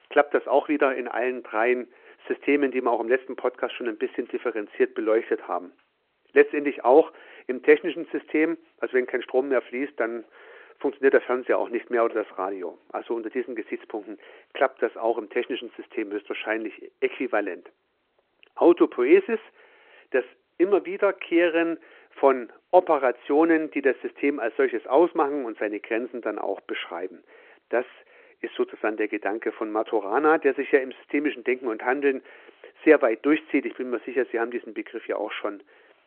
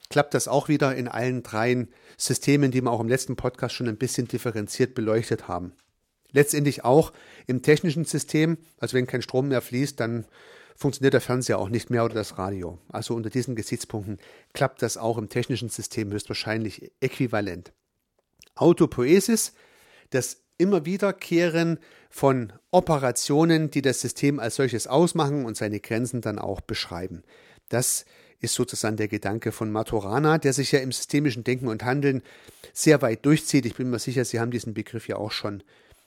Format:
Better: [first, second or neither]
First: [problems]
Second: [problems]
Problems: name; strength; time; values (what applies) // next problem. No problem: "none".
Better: second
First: phone-call audio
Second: none